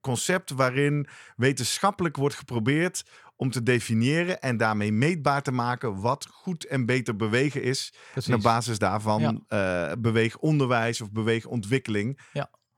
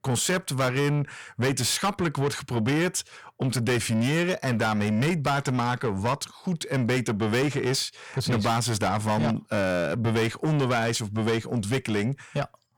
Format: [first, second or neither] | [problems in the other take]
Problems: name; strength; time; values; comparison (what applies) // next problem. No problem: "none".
first | distortion; heavy; 7 dB below the speech